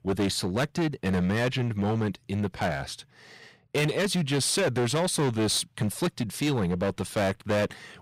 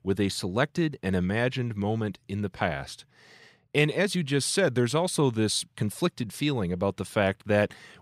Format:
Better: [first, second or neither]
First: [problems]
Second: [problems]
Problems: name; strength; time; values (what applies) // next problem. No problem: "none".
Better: second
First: distortion; heavy; 15% of the sound clipped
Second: none